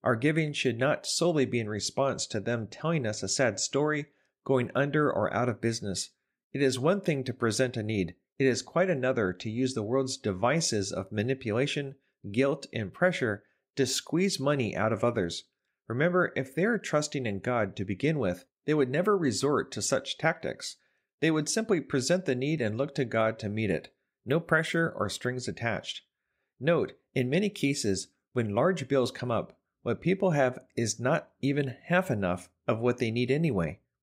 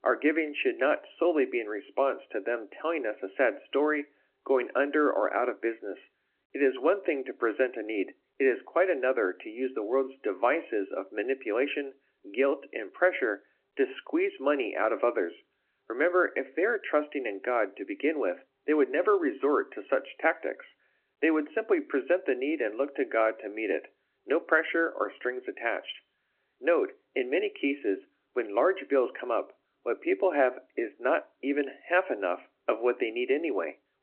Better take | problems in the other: first | phone-call audio

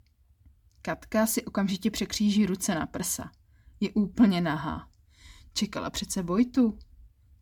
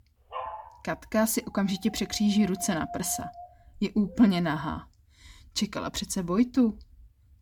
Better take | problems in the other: first | dog barking; noticeable; until 4.5 s; peak 10 dB below the speech

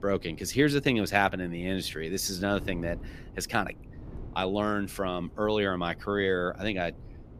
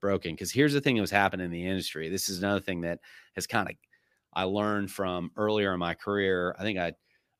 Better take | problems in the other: second | wind noise on the microphone; occasional gusts; 25 dB below the speech

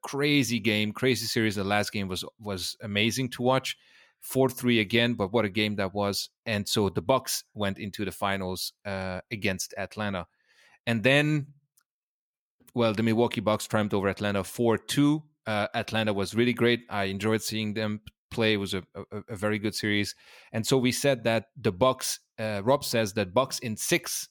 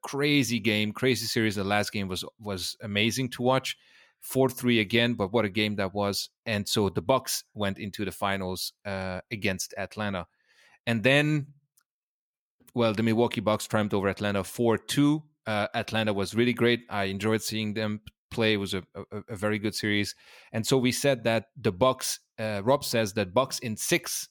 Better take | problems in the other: neither | none

